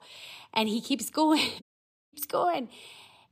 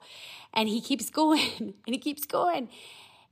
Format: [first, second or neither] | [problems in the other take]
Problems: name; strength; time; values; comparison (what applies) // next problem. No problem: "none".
second | audio cutting out; at 1.5 s for 0.5 s